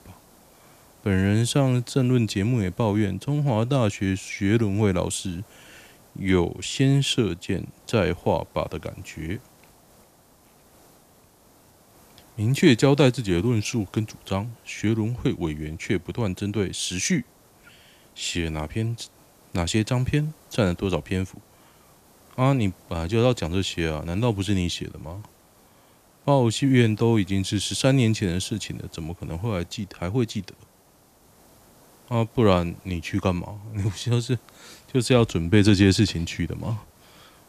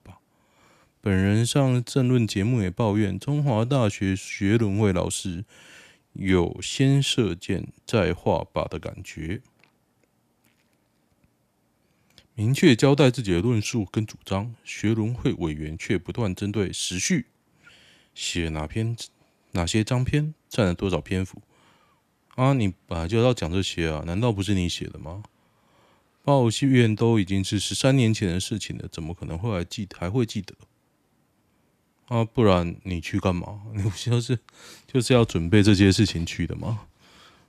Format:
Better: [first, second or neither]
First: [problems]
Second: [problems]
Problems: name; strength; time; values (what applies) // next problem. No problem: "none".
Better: second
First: hiss; faint; throughout; 30 dB below the speech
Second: none